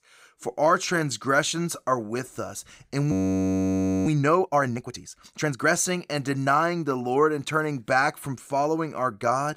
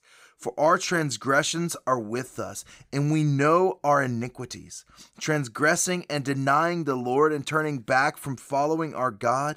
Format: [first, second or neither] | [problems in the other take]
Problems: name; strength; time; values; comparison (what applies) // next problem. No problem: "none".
second | audio freezing; at 3 s for 1 s